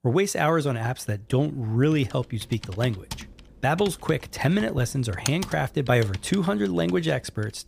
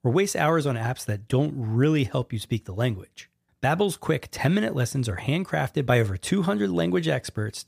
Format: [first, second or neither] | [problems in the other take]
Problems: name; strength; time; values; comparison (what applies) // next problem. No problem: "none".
second | keyboard typing; noticeable; from 2 to 7 s; peak 6 dB below the speech